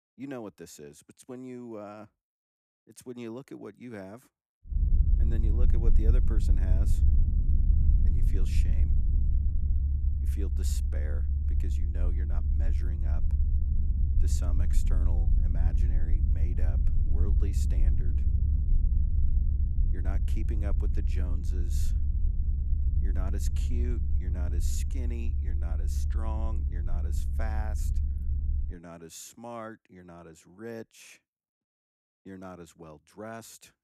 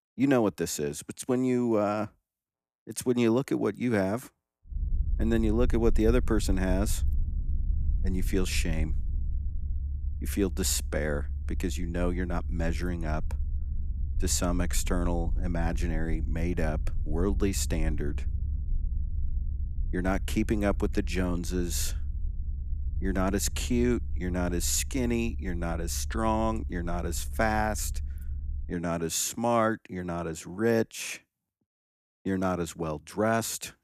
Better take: second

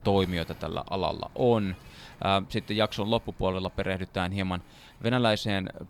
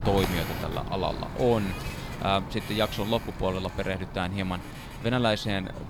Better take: first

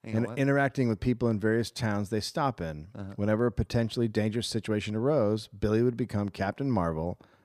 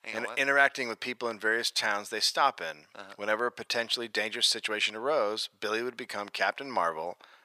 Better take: first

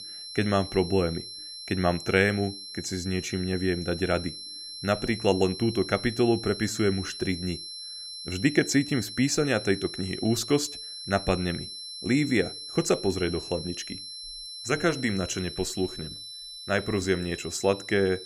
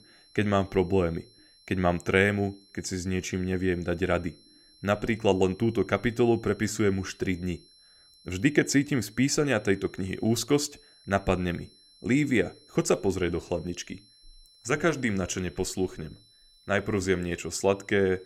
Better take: second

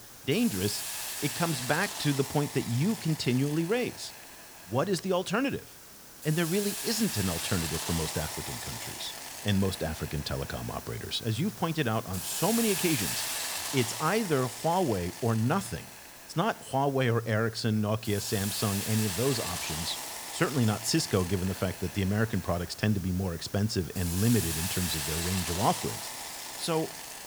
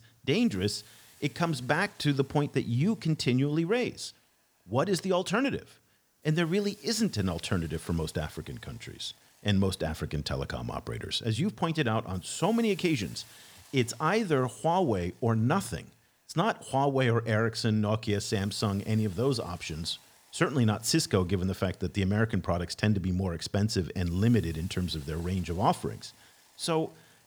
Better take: second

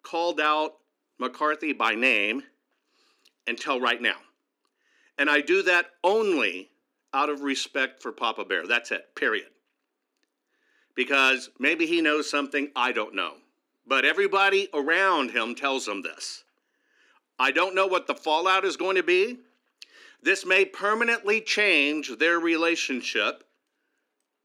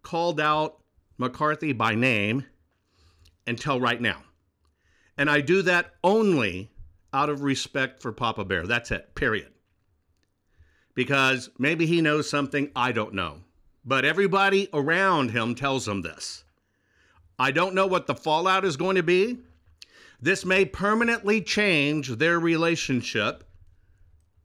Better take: second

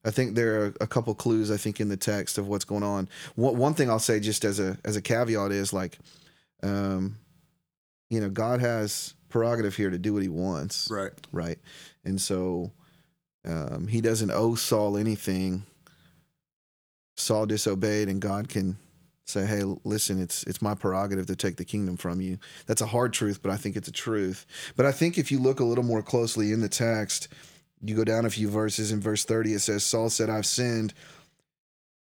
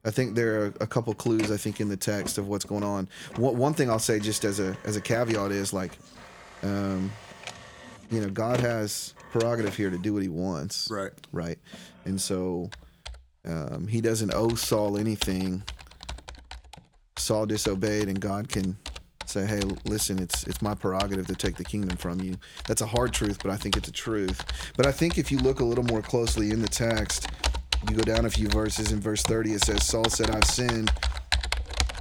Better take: first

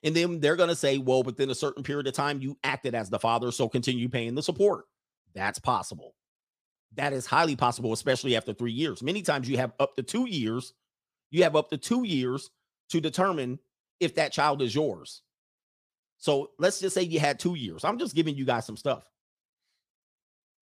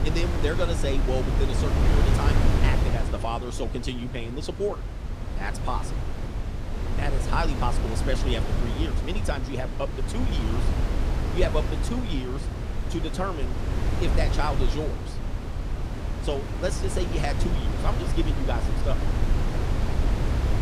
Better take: first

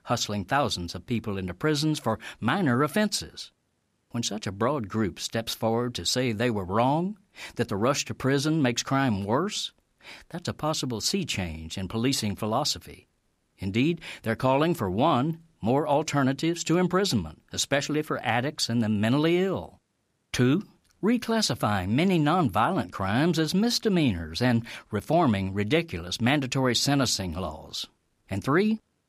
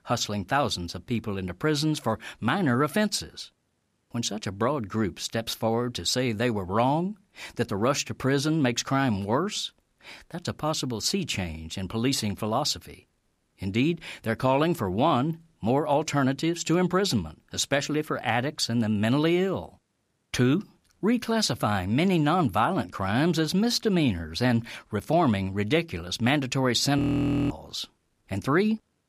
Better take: first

